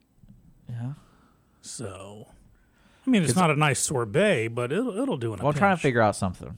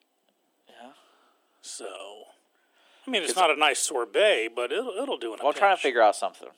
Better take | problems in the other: first | thin; very; fading below 300 Hz

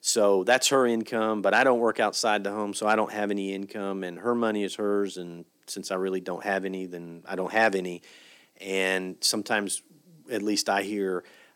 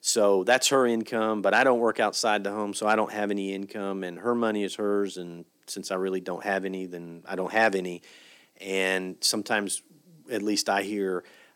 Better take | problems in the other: neither | thin; somewhat; fading below 300 Hz; the same in both

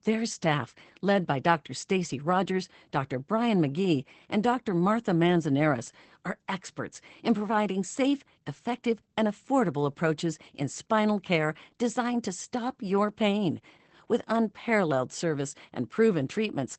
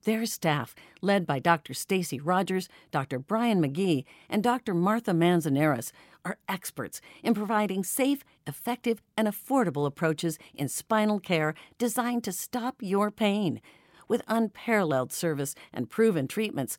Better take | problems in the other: second | garbled, watery; badly; nothing above 8 kHz

